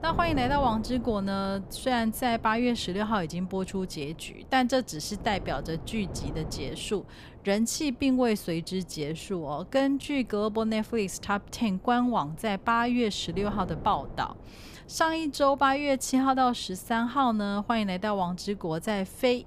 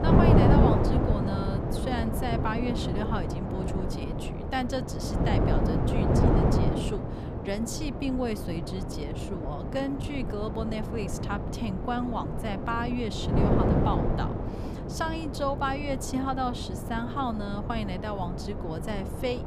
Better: first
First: wind noise on the microphone; occasional gusts; 20 dB below the speech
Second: wind noise on the microphone; heavy; as loud as the speech

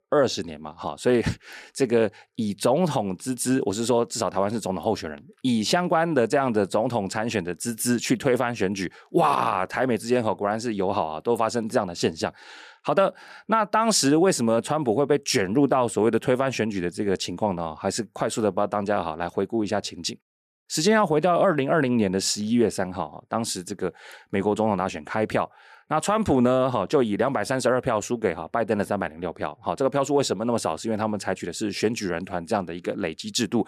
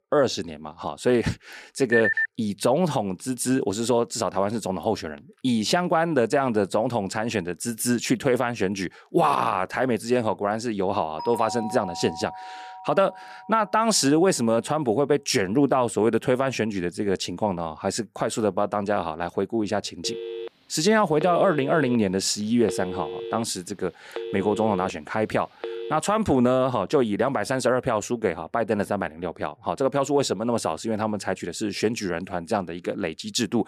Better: first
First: none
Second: phone ringing; loud; at 2 s; peak 2 dB above the speech // doorbell; noticeable; from 11 to 14 s; peak 8 dB below the speech // phone ringing; noticeable; from 20 to 26 s; peak 8 dB below the speech

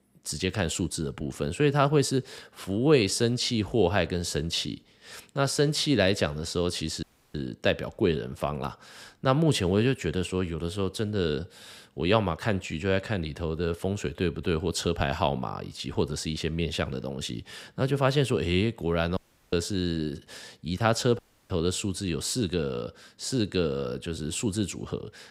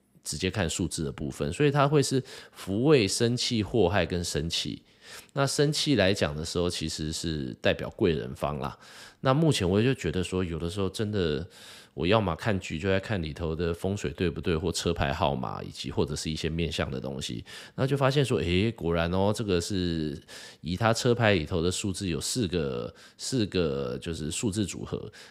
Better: second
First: audio cutting out; at 7 s, at 19 s and at 21 s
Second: none

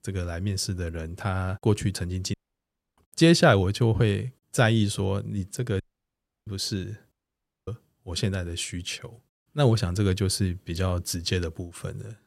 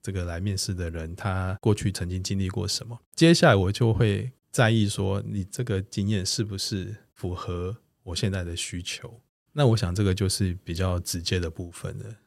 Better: second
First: audio cutting out; at 2.5 s for 0.5 s, at 6 s for 0.5 s and at 7 s for 0.5 s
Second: none

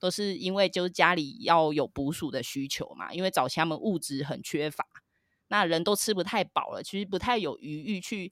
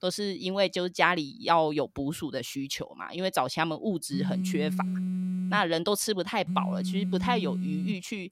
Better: first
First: none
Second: phone ringing; noticeable; from 4 s on; peak 1 dB below the speech

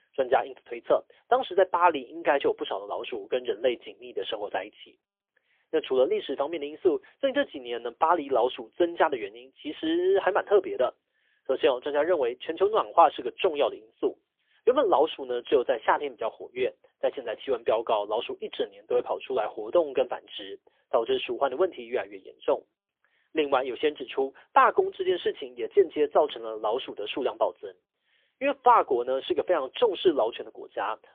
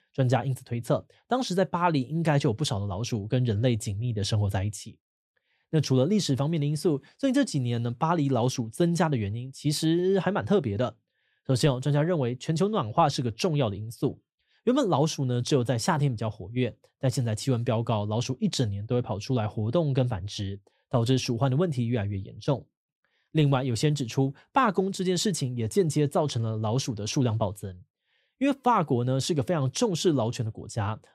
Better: second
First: phone-call audio; poor line; nothing above 3.5 kHz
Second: none

